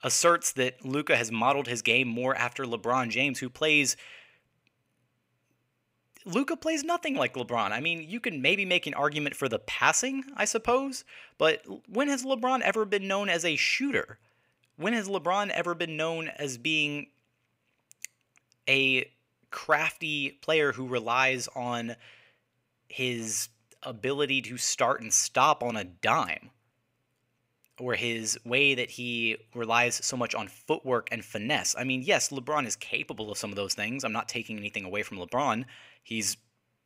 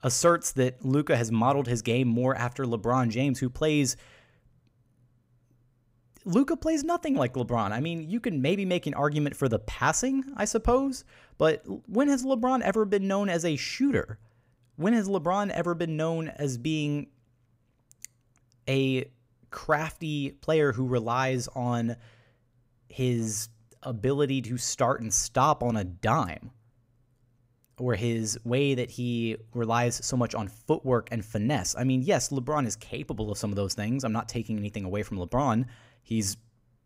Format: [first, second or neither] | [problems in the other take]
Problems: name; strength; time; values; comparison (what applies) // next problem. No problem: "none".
second | thin; very slightly; fading below 550 Hz